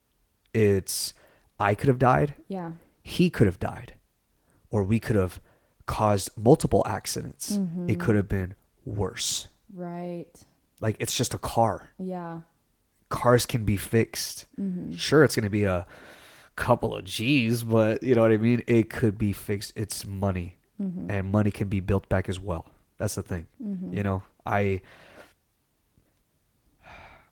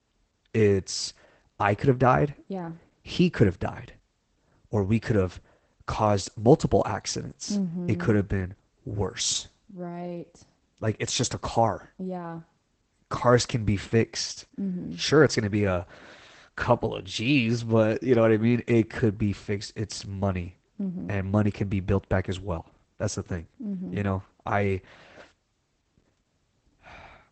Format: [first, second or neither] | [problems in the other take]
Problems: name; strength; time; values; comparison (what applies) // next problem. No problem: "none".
first | garbled, watery; badly; nothing above 8 kHz; slightly in the first